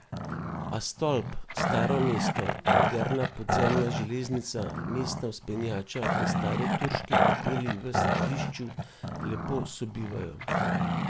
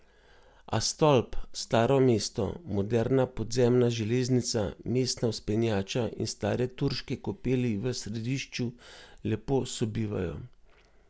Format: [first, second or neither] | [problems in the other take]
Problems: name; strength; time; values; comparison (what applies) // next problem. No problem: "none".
second | background sound (Growling); 4 dB above the speech